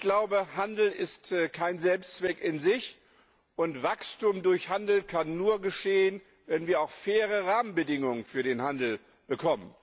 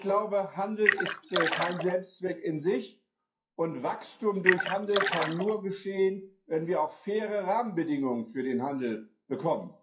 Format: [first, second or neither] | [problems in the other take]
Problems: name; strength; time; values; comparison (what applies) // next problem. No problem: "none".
first | noise reduction (classical method WPE with log-MMSE)